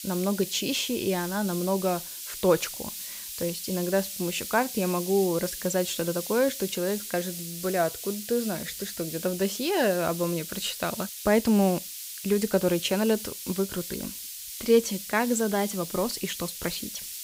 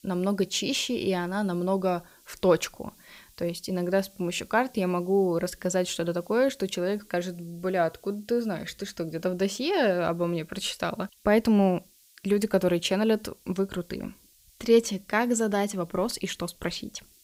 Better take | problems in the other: second | hiss; loud; throughout; 8 dB below the speech; faint in the second

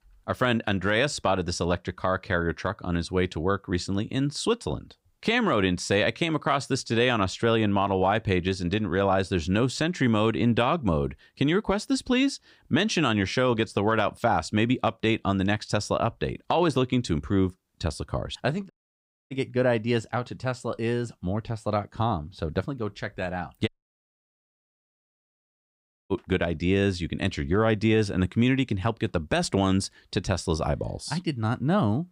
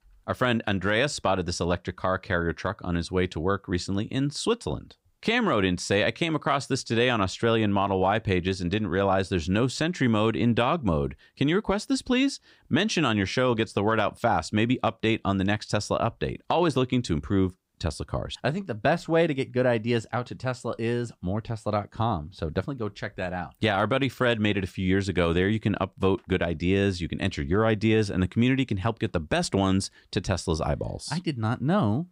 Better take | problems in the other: second | audio cutting out; at 19 s for 0.5 s and at 24 s for 2.5 s

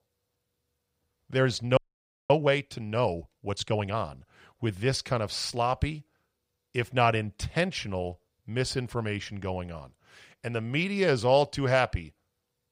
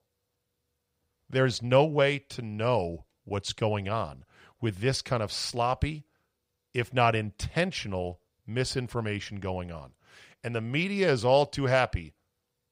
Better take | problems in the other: second | audio freezing; at 2 s for 0.5 s

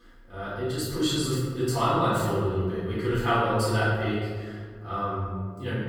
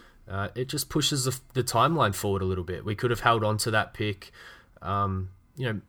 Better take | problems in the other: second | off-mic speech; far // room echo; strong; dies away in 1.7 s

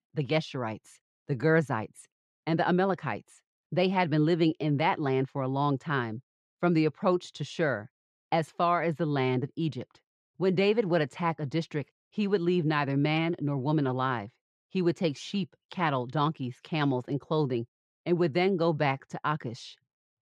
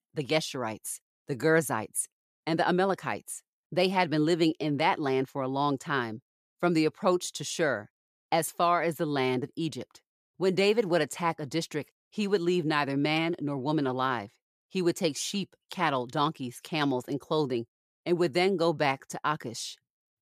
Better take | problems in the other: second | muffled; very slightly; fading above 3.5 kHz

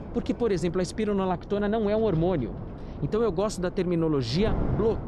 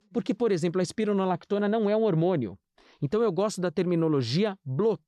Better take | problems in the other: second | wind noise on the microphone; occasional gusts; 15 dB below the speech

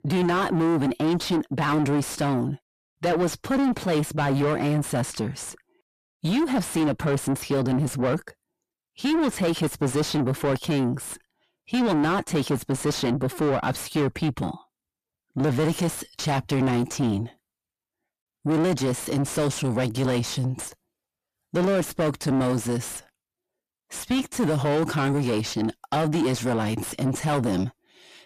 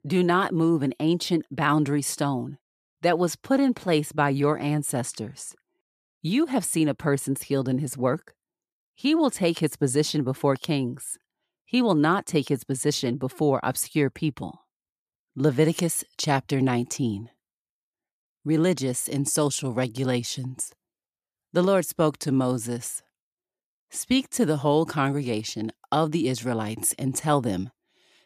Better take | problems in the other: second | distortion; heavy; 6 dB below the speech

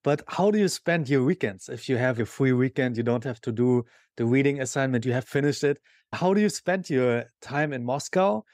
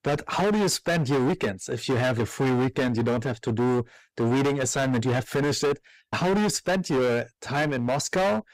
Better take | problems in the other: first | distortion; heavy; 23% of the sound clipped

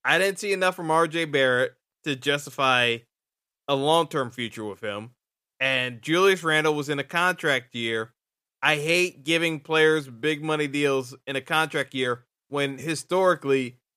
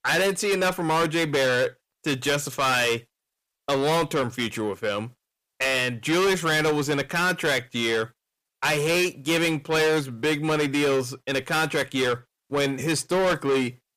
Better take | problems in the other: first | distortion; heavy; 6 dB below the speech

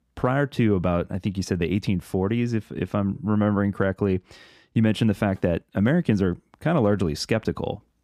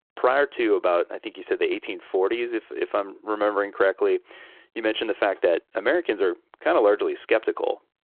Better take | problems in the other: first | phone-call audio

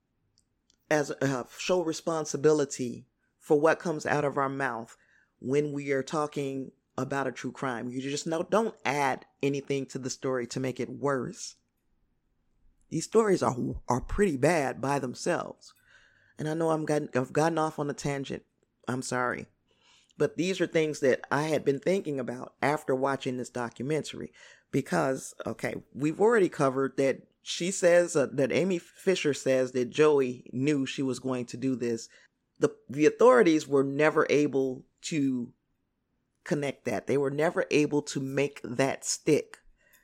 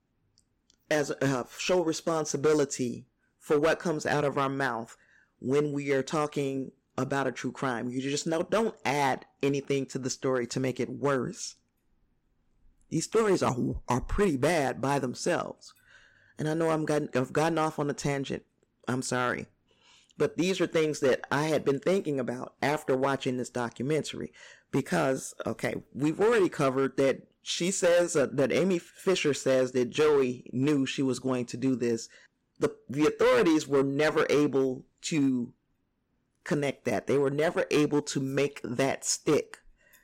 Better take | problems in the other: first | distortion; slight; 5% of the sound clipped

